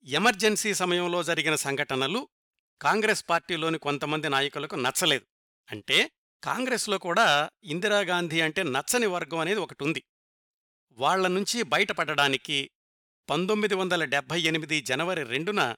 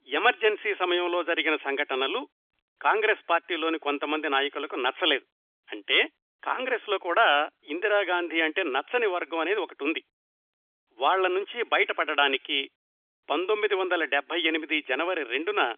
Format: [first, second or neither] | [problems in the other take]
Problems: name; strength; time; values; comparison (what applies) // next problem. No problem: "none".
first | phone-call audio; nothing above 3.5 kHz